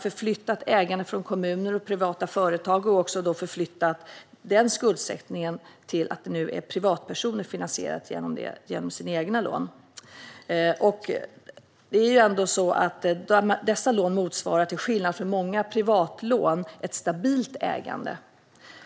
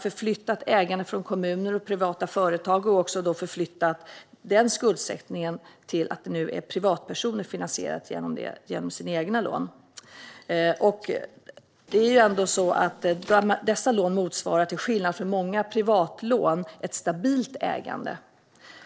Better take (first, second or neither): first